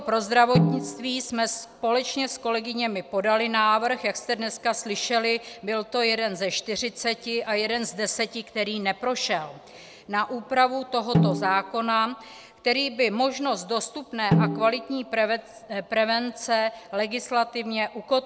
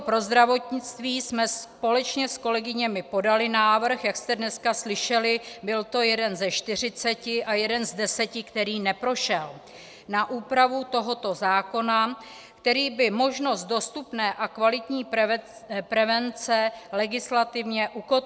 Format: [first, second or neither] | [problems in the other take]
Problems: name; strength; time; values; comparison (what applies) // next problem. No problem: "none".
second | background sound (Snare drum); 1 dB below the speech